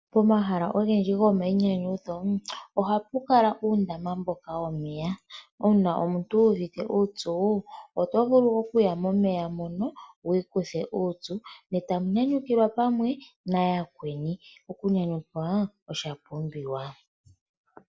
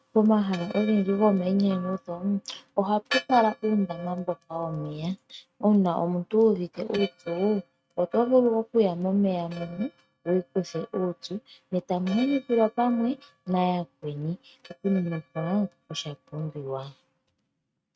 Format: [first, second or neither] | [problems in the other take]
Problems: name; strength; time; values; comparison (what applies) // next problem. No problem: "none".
first | noise reduction (neural mask model RNNoise)